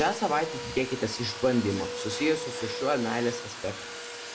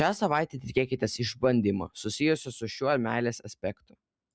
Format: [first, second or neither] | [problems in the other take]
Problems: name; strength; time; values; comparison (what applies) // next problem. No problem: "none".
second | background sound (Domestic sounds, home sounds); 7 dB below the speech // room echo; dies away in 0.6 s